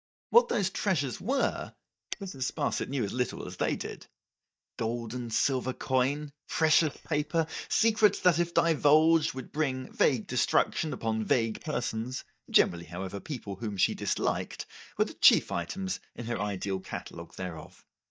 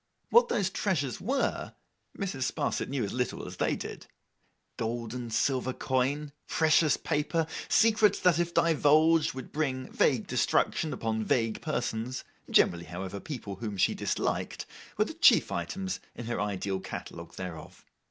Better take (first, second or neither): second